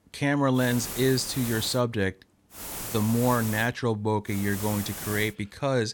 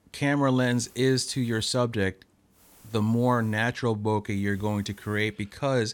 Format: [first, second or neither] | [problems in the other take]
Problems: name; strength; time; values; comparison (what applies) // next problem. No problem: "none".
second | hiss; loud; from 0.5 to 2 s, from 2.5 to 3.5 s and at 4.5 s; 9 dB below the speech; faint in the second